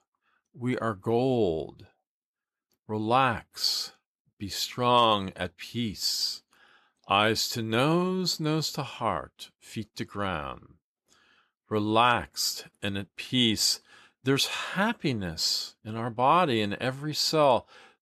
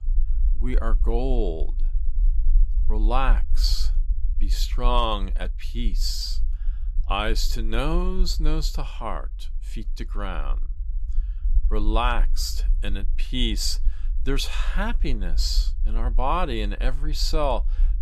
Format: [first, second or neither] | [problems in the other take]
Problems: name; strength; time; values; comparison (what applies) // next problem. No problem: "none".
first | low rumble; faint; throughout; 25 dB below the speech